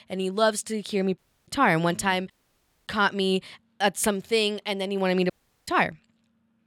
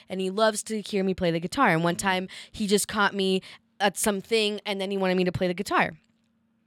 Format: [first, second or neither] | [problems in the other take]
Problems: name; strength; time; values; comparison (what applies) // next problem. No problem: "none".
second | audio cutting out; at 1 s, at 2.5 s for 0.5 s and at 5.5 s